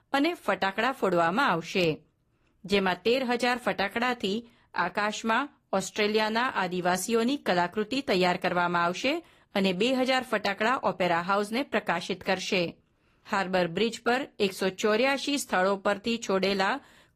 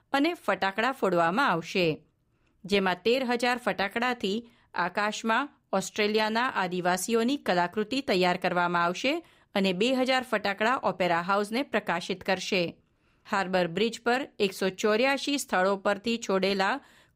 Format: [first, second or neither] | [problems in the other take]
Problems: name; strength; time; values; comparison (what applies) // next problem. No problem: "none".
second | garbled, watery; slightly; nothing above 14.5 kHz